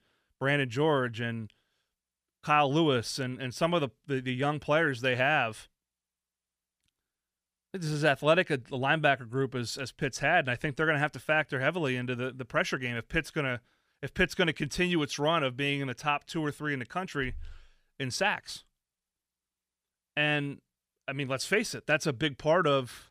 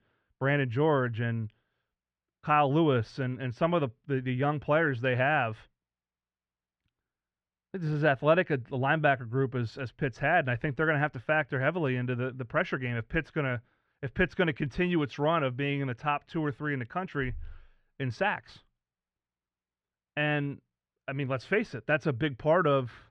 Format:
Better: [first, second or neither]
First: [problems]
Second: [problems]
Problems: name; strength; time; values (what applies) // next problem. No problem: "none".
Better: first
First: none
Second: muffled; very; fading above 2 kHz